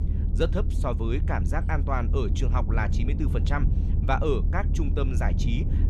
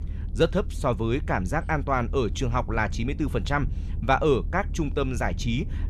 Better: second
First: low rumble; loud; throughout; 10 dB below the speech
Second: low rumble; faint; throughout; 20 dB below the speech

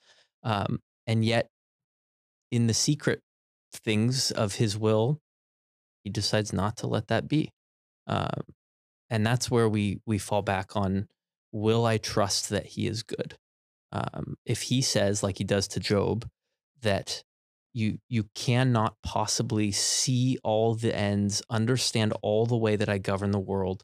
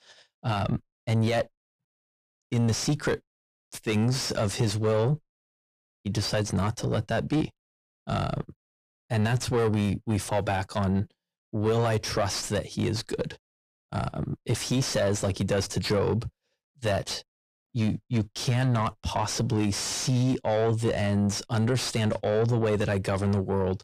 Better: first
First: none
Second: distortion; heavy; 6 dB below the speech

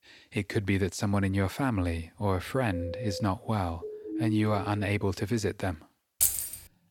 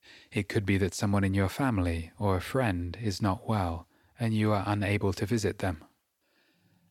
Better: second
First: phone ringing; noticeable; at 2.5 s; peak 8 dB below the speech // siren; noticeable; from 4 to 5 s; peak 1 dB below the speech // jangling keys; loud; at 6 s; peak 5 dB above the speech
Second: none

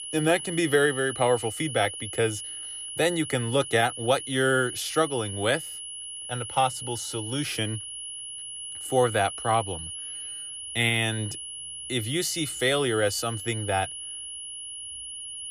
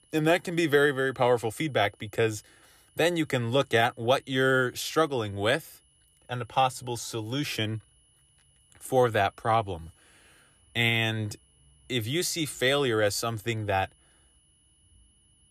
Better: second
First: high-pitched whine; loud; throughout; 10.5 kHz, 8 dB below the speech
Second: high-pitched whine; faint; throughout; 10.5 kHz, 35 dB below the speech

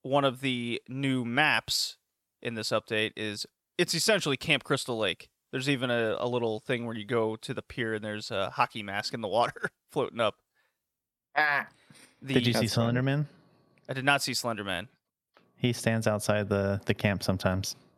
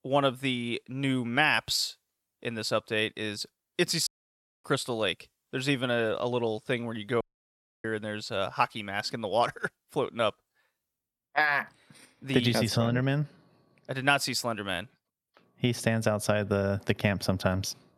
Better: first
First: none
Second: audio cutting out; at 4 s for 0.5 s and at 7 s for 0.5 s

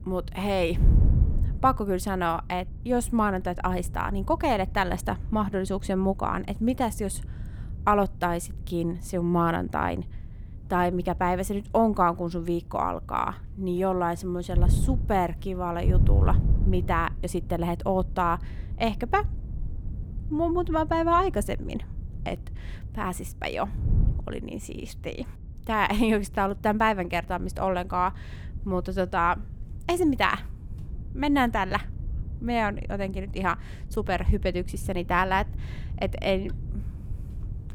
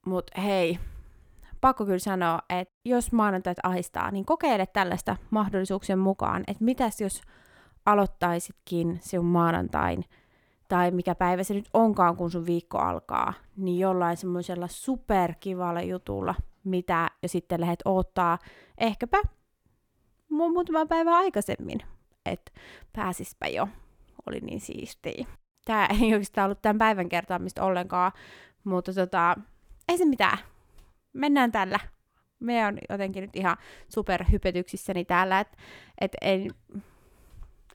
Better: second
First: wind noise on the microphone; occasional gusts; 20 dB below the speech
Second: none

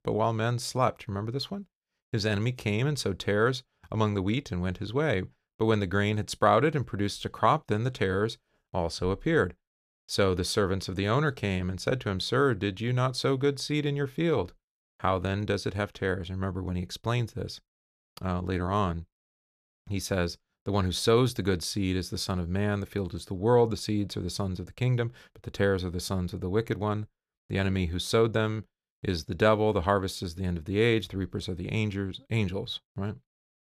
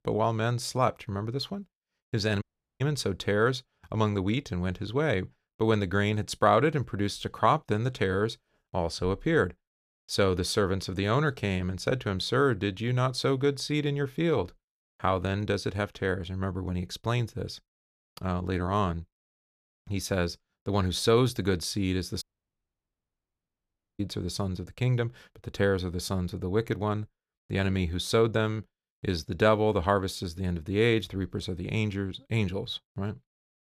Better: first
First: none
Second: audio cutting out; at 2.5 s and at 22 s for 2 s

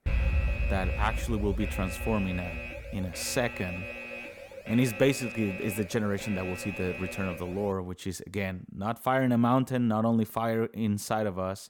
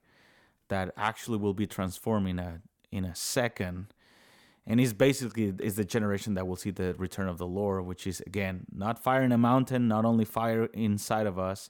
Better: second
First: alarm; loud; until 7.5 s; peak 2 dB above the speech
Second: none

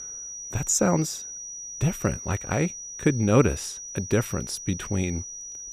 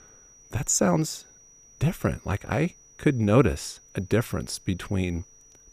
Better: second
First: high-pitched whine; loud; throughout; 6 kHz, 9 dB below the speech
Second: high-pitched whine; faint; throughout; 6 kHz, 25 dB below the speech

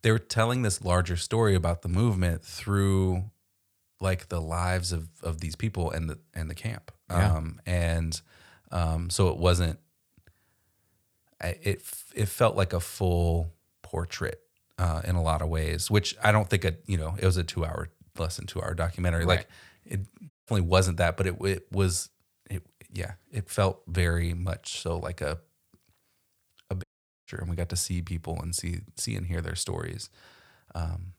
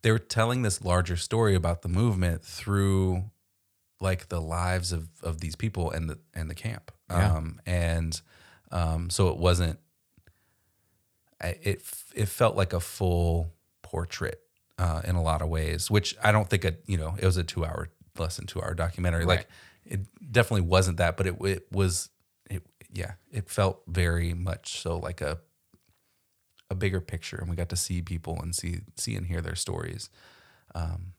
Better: second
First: audio cutting out; at 20 s and at 27 s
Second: none

